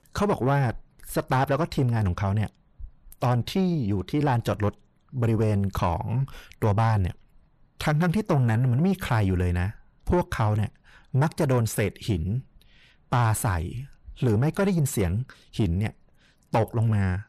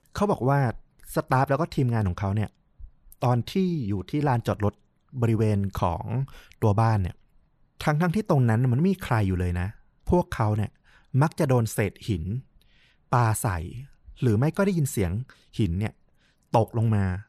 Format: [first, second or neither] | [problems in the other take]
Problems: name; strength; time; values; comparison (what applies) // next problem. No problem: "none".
second | distortion; slight; 10 dB below the speech